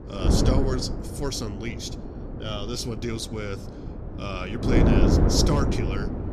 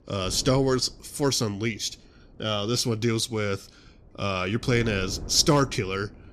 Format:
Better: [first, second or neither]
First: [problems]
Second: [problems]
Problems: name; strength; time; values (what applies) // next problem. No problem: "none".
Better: second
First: wind noise on the microphone; heavy; 1 dB above the speech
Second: wind noise on the microphone; occasional gusts; 20 dB below the speech